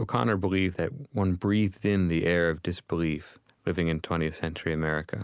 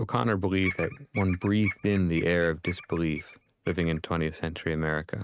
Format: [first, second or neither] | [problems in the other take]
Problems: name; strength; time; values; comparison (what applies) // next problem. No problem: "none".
first | noise reduction (neural mask model RNNoise)